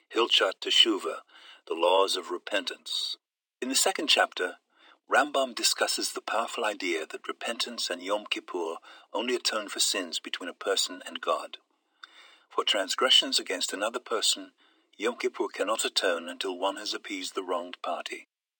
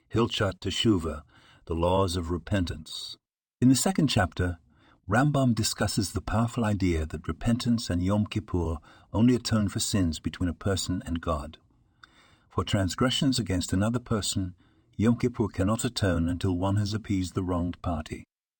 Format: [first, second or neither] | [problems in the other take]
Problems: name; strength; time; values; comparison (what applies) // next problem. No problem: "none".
second | thin; very; fading below 350 Hz